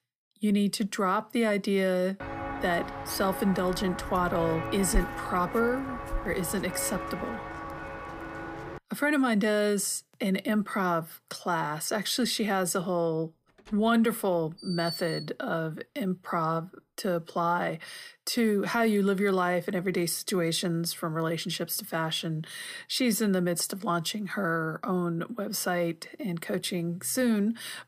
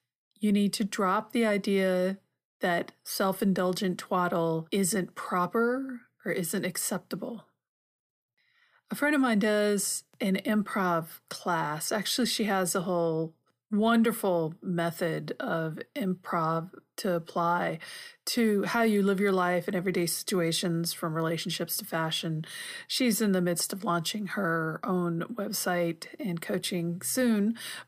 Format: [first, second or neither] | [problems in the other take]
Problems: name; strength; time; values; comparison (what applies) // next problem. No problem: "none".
second | footsteps; noticeable; from 2 to 8.5 s; peak 4 dB below the speech // door banging; noticeable; from 14 to 15 s; peak 7 dB below the speech